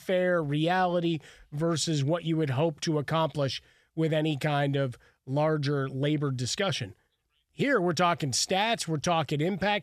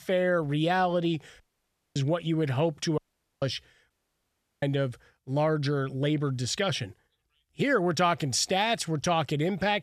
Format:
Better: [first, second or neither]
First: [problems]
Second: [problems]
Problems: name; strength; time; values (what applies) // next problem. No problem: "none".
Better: first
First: none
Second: audio cutting out; at 1.5 s for 0.5 s, at 3 s and at 4 s for 0.5 s